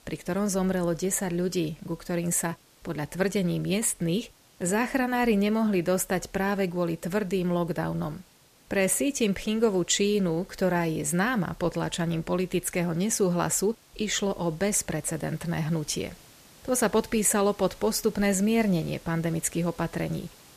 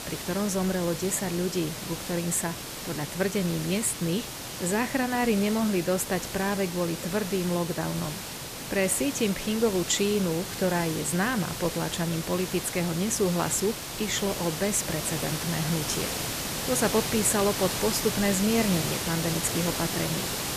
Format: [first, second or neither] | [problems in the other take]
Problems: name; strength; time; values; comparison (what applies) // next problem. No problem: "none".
first | hiss; loud; throughout; 4 dB below the speech; faint in the first